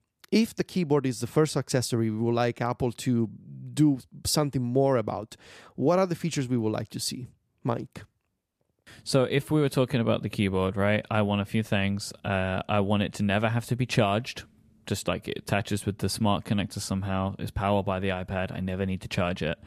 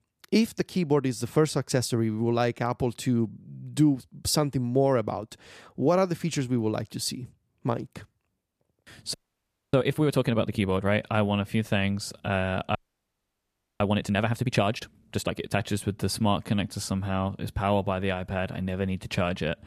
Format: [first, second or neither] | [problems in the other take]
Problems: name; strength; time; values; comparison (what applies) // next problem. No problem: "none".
first | audio freezing; at 9 s for 0.5 s and at 13 s for 1 s